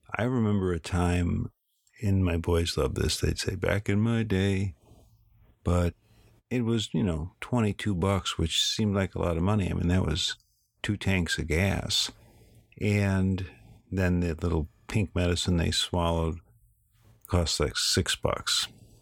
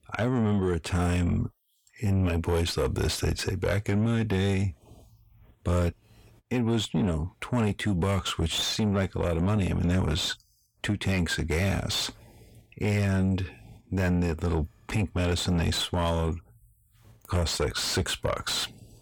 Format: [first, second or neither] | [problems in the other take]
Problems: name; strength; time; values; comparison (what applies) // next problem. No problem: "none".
first | distortion; slight; 10 dB below the speech